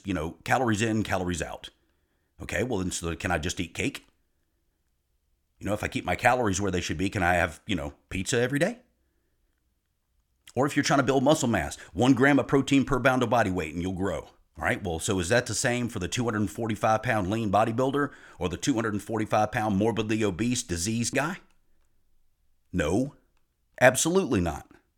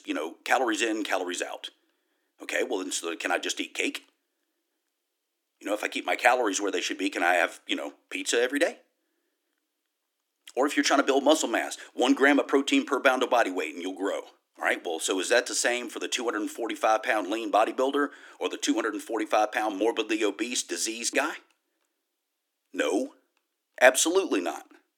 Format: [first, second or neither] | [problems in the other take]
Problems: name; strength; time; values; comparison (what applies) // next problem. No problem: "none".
first | thin; very slightly; fading below 300 Hz